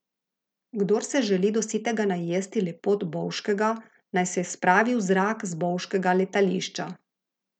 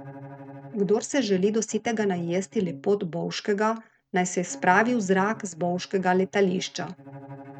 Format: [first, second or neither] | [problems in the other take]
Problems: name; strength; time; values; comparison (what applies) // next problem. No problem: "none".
first | noise reduction (neural mask model RNNoise)